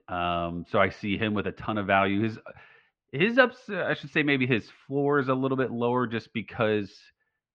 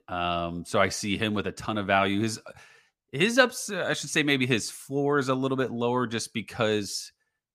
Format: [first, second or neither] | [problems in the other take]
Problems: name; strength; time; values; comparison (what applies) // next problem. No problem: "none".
second | muffled; very; fading above 3 kHz